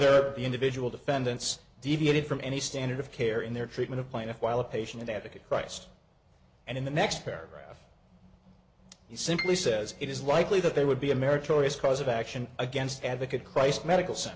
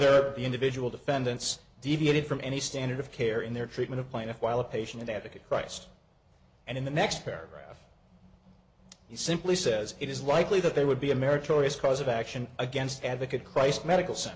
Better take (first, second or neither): second